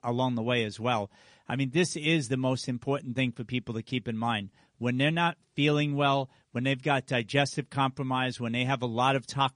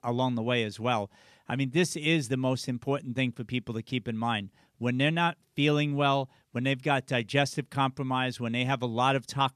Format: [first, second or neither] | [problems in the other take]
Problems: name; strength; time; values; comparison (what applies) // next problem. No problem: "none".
second | garbled, watery; slightly; nothing above 10 kHz